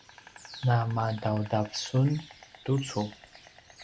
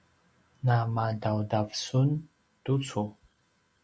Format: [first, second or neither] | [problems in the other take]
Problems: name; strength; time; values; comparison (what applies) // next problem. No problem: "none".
second | background sound (Insect); 19 dB below the speech